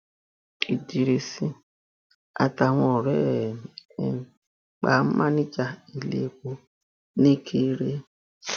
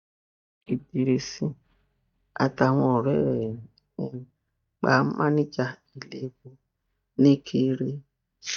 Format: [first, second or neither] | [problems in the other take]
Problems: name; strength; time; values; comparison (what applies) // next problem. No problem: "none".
first | noise reduction (neural mask model DeepFilterNet 3)